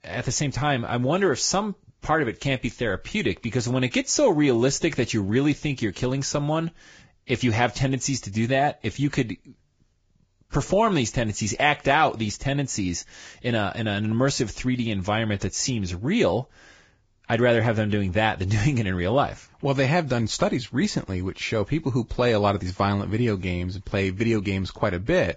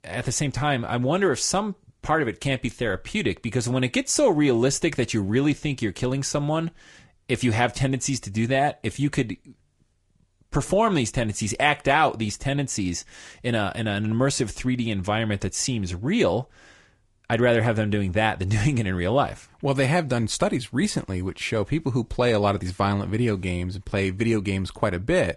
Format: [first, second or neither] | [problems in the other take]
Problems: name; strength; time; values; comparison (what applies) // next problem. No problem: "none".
second | garbled, watery; badly; nothing above 7.5 kHz; slightly in the second